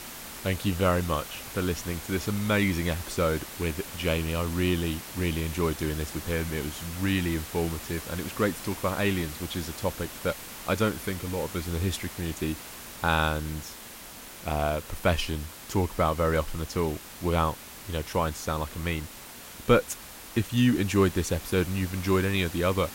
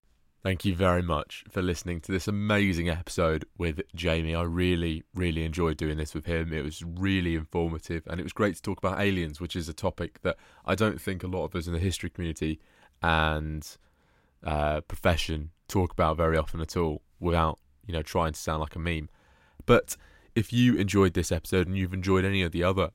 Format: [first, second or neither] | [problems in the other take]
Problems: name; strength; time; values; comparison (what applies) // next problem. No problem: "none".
second | hiss; noticeable; throughout; 10 dB below the speech